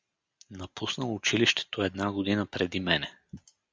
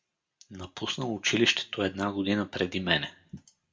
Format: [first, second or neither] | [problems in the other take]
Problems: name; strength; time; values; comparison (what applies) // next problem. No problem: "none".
first | room echo; dies away in 0.3 s